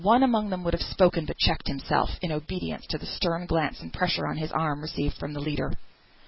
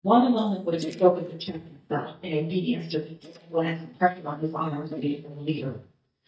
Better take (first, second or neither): first